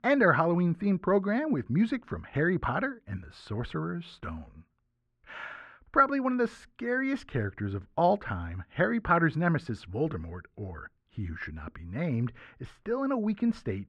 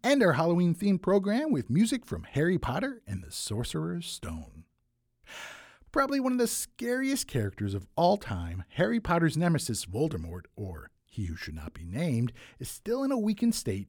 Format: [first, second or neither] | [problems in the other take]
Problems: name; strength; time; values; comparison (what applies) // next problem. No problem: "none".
second | muffled; very; fading above 2 kHz